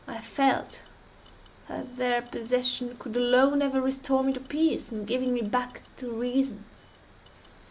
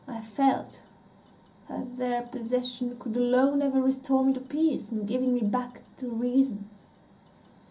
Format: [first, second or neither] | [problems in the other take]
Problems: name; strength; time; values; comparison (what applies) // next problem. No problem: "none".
first | room echo; dies away in 0.3 s